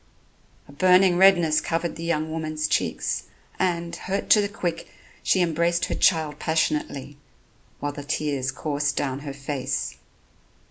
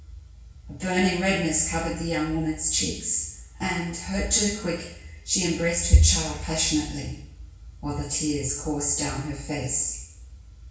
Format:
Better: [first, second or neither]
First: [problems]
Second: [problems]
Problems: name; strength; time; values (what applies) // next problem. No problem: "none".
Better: first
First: none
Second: room echo; dies away in 0.6 s